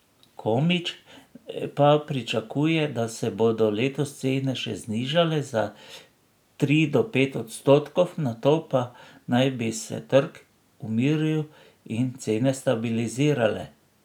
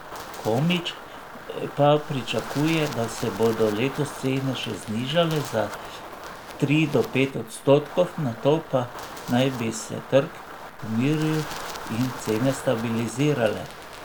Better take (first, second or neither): first